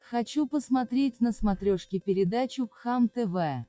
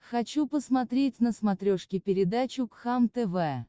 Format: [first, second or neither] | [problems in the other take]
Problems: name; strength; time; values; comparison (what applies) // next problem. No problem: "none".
second | noise reduction (classical method log-MMSE)